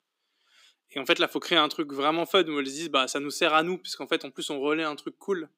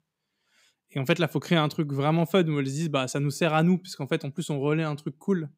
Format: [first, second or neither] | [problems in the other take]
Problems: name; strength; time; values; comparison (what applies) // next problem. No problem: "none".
second | thin; somewhat; fading below 300 Hz